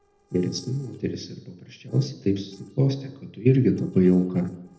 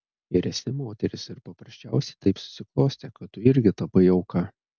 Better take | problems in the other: second | noise reduction (neural separator model SepFormer DNS4)

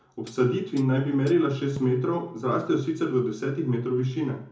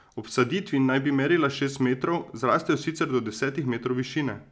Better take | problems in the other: second | background sound (Hi-hat); 19 dB below the speech // room echo; dies away in 0.6 s

